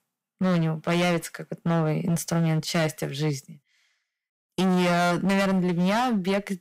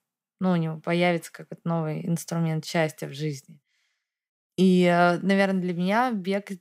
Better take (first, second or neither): second